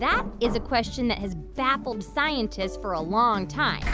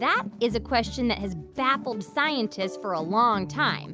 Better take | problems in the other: second | background sound (Knock); 10 dB below the speech

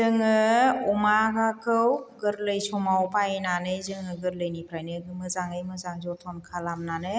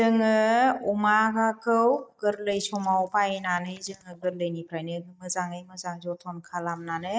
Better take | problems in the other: first | noise reduction (neural mask model DeepFilterNet 3)

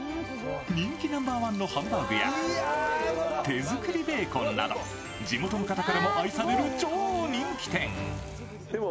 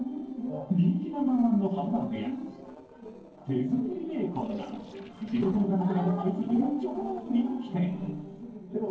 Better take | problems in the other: first | noise reduction (neural separator model SepFormer DNS4)

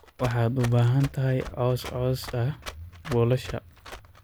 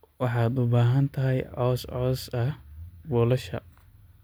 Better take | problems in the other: second | background sound (Run); 16 dB below the speech

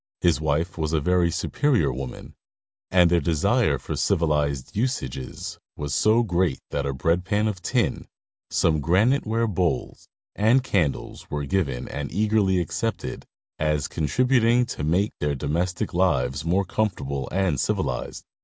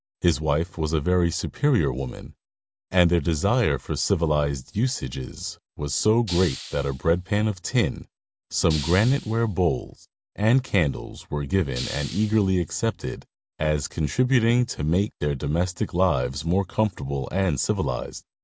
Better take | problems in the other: first | background sound (Hiss); 14 dB below the speech

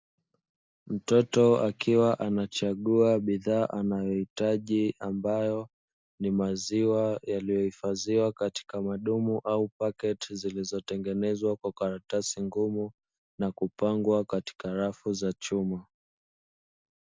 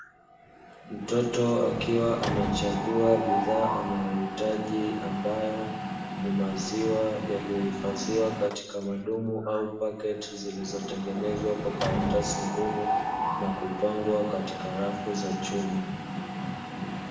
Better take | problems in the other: first | background sound (Mechanisms); 3 dB below the speech // room echo; dies away in 0.9 s

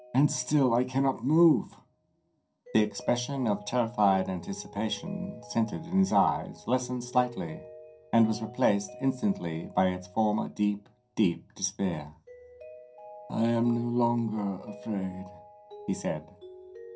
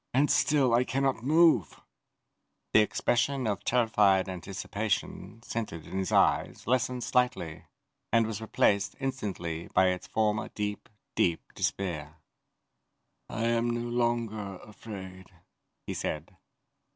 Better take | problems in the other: second | background sound (Mallet percussion); 19 dB below the speech // room echo; dies away in 0.3 s

